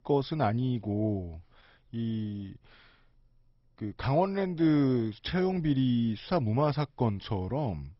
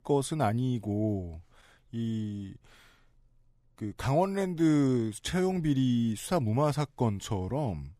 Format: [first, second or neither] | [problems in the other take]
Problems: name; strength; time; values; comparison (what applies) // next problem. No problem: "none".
second | garbled, watery; badly; nothing above 5.5 kHz